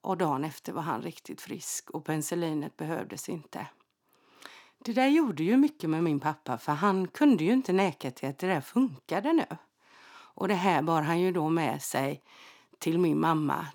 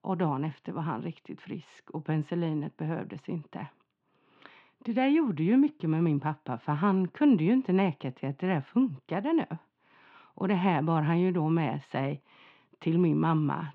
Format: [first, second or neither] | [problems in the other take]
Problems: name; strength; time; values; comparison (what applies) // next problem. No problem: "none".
first | muffled; very; fading above 3 kHz